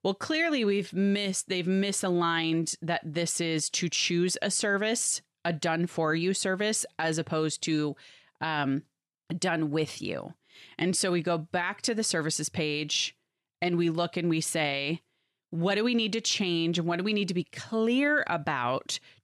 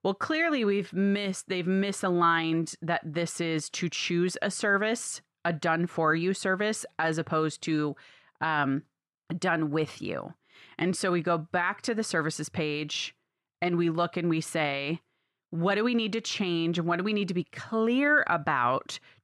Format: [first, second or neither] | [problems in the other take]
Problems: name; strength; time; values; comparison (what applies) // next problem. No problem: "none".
first | muffled; slightly; fading above 3 kHz